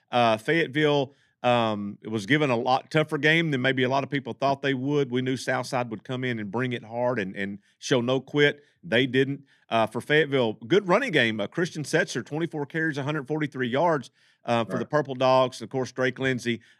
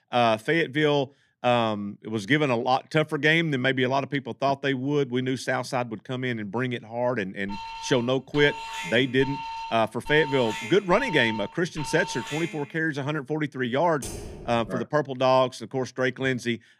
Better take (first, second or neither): first